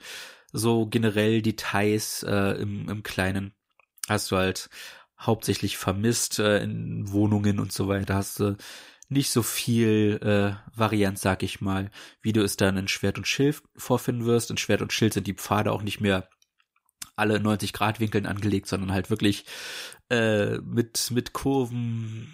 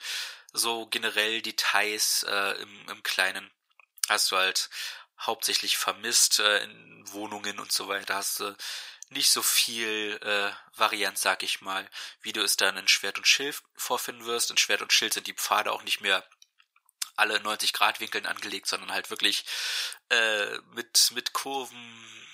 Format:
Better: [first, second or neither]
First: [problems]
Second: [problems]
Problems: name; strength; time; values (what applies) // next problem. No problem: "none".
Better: first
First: none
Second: thin; very; fading below 950 Hz